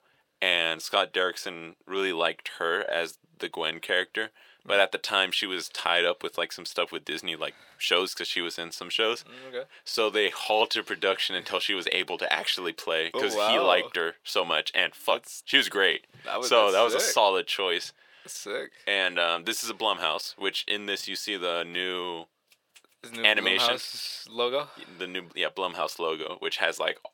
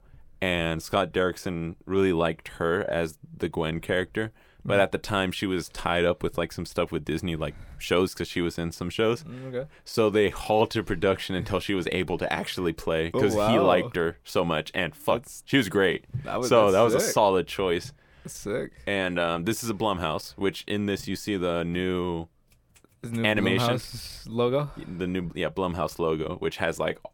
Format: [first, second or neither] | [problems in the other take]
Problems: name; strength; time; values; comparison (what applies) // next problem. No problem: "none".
second | thin; somewhat; fading below 500 Hz